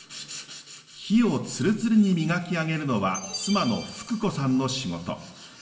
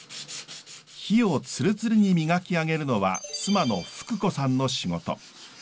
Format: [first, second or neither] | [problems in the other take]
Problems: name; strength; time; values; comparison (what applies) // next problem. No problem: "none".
second | room echo; dies away in 1.1 s